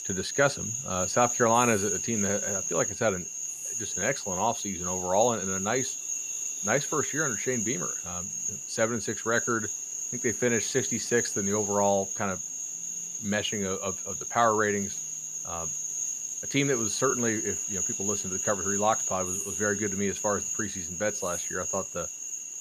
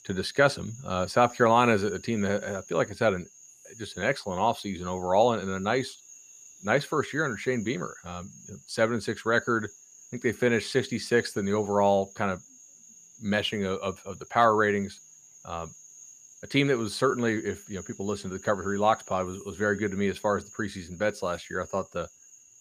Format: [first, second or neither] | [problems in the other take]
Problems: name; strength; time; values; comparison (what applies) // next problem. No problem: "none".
second | animal sounds; loud; throughout; 1 dB below the speech; faint in the second